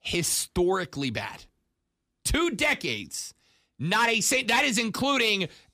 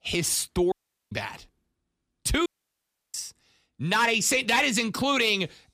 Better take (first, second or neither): first